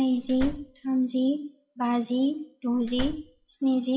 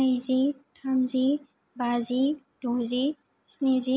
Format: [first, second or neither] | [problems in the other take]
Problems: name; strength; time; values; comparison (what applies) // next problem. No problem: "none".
second | noise reduction (classical method WPE with log-MMSE)